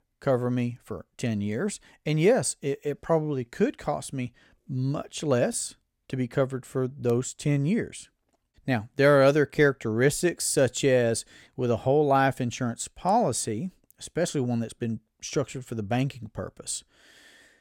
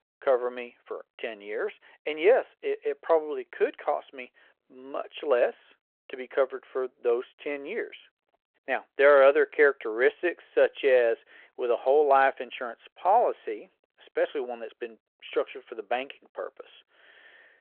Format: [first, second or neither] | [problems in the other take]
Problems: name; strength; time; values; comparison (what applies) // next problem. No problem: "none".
first | phone-call audio